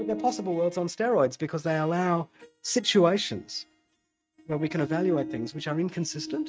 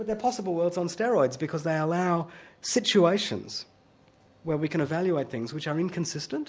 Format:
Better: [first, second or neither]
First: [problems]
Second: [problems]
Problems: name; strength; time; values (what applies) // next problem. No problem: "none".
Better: second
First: noise reduction (neural mask model RNNoise)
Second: none